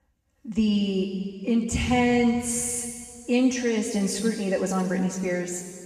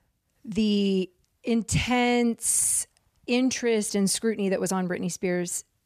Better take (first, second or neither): second